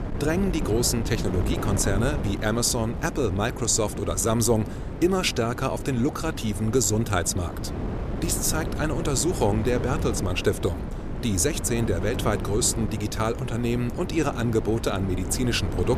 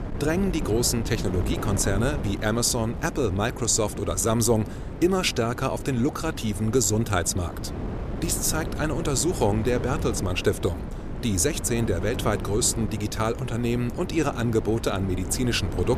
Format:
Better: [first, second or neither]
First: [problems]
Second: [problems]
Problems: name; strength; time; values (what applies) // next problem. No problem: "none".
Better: second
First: wind noise on the microphone; heavy; 10 dB below the speech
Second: wind noise on the microphone; occasional gusts; 10 dB below the speech